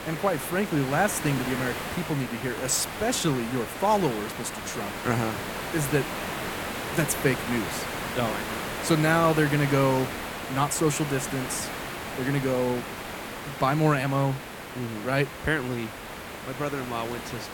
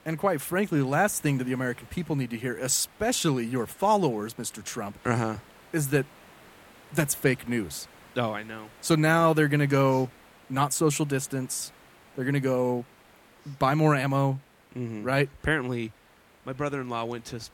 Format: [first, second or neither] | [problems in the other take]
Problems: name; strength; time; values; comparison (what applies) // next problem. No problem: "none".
second | hiss; loud; throughout; 6 dB below the speech; faint in the second